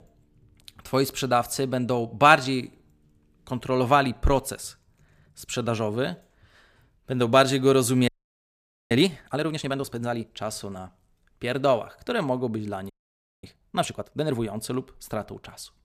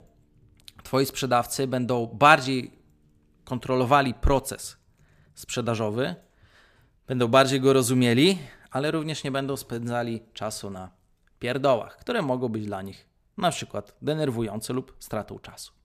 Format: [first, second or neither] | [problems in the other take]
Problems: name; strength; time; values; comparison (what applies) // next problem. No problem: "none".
second | audio freezing; at 8 s for 1 s and at 13 s for 0.5 s